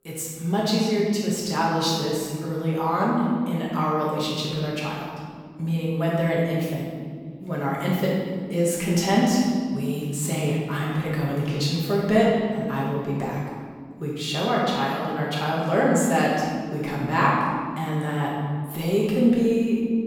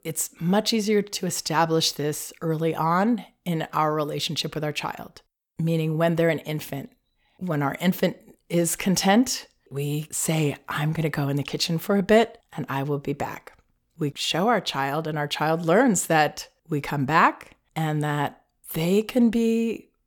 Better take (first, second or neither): second